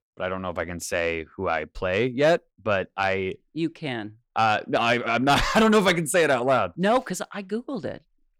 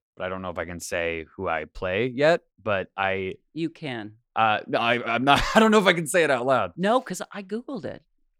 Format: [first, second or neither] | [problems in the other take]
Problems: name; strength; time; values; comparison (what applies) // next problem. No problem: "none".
second | distortion; slight; 10 dB below the speech